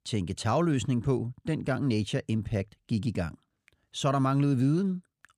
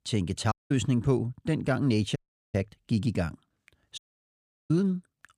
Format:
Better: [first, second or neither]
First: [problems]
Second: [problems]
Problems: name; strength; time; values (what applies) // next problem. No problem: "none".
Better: first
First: none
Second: audio cutting out; at 0.5 s, at 2 s and at 4 s for 0.5 s